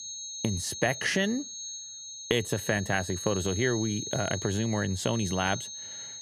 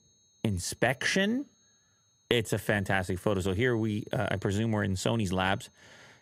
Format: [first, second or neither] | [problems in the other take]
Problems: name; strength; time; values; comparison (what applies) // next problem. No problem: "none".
second | high-pitched whine; loud; throughout; 6.5 kHz, 7 dB below the speech; faint in the second